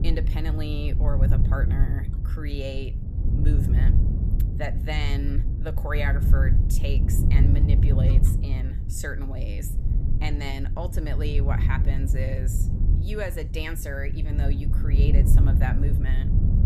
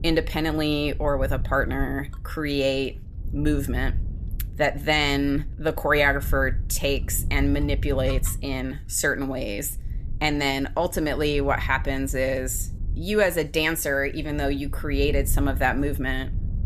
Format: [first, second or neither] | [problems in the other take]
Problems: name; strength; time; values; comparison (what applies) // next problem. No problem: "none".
second | wind noise on the microphone; heavy; 4 dB below the speech; occasional gusts in the second